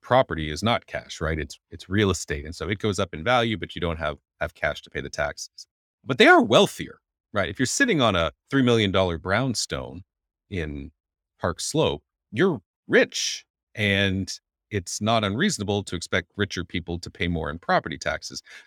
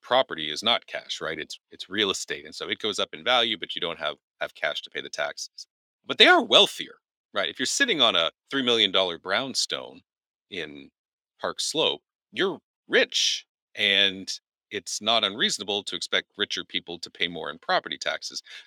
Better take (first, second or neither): first